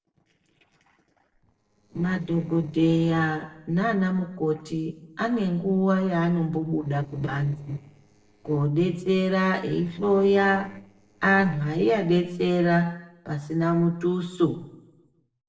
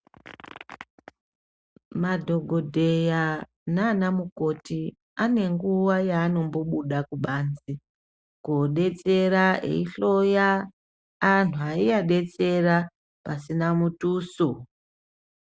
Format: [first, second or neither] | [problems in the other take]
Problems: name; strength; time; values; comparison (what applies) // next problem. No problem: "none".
second | noise reduction (neural separator model SepFormer DNS4)